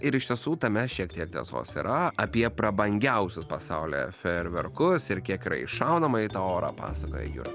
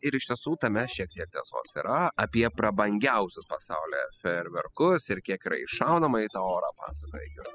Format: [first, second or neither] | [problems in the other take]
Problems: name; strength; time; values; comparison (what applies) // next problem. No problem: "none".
first | noise reduction (classical method spectral subtraction)